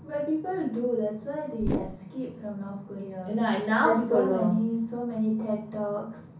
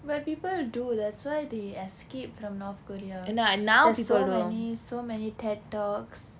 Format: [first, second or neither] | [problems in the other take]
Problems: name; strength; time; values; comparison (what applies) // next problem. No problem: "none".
second | background sound (Whoosh, swoosh, swish); 1 dB below the speech // room echo; dies away in 0.6 s